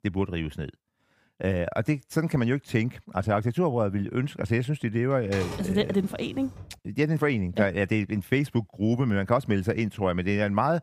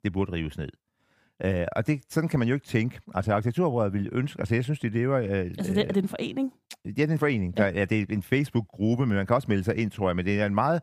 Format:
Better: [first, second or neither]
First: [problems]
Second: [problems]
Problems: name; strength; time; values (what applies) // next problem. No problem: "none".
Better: second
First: keyboard typing; noticeable; from 5.5 to 6.5 s; peak 9 dB below the speech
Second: none